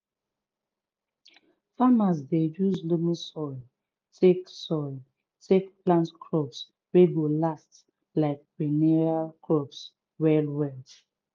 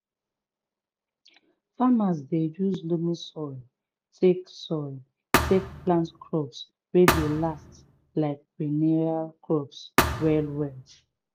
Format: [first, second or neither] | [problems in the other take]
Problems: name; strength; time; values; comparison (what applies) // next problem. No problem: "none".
first | background sound (Thump, thud); 2 dB below the speech